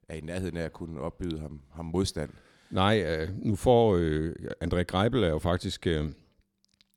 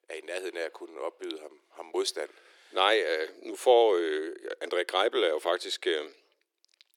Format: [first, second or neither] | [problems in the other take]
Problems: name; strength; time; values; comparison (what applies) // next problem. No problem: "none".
first | thin; very; fading below 350 Hz